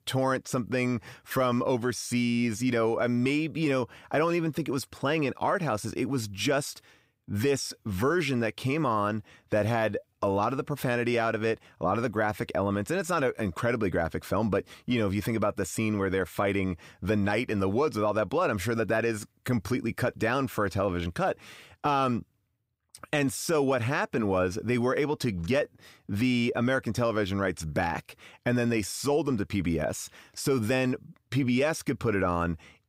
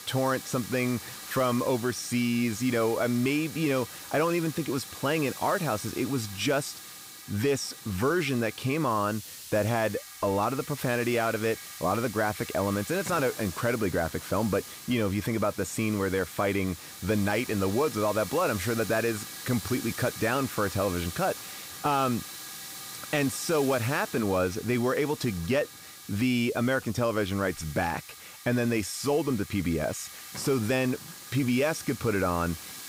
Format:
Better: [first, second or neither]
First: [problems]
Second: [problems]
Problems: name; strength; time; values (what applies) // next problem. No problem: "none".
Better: first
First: none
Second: hiss; noticeable; throughout; 10 dB below the speech